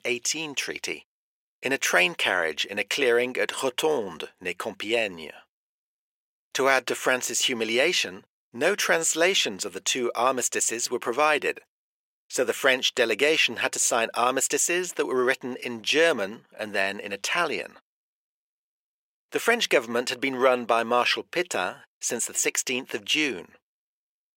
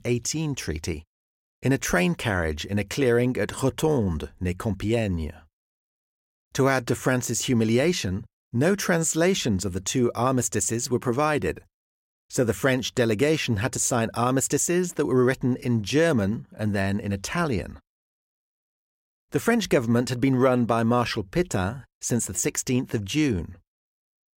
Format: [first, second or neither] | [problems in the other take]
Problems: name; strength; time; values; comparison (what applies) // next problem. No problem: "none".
second | thin; somewhat; fading below 500 Hz